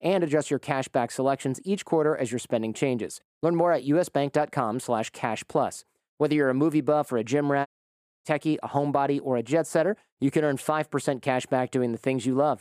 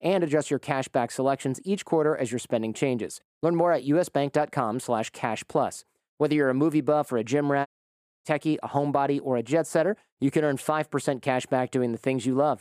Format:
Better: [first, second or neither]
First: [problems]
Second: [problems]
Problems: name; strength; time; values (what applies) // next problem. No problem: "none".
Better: neither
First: audio cutting out; at 7.5 s for 0.5 s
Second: audio cutting out; at 7.5 s for 0.5 s